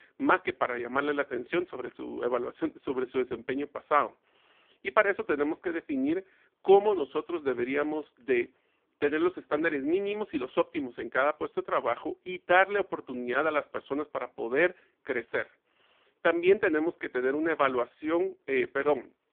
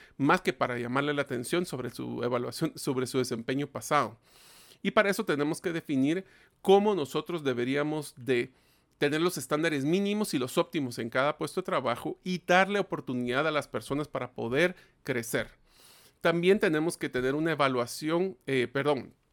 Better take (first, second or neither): second